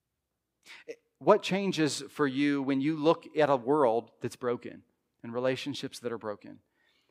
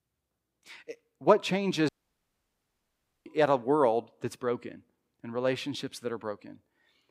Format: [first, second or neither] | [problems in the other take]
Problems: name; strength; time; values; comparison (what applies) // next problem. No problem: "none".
first | audio cutting out; at 2 s for 1.5 s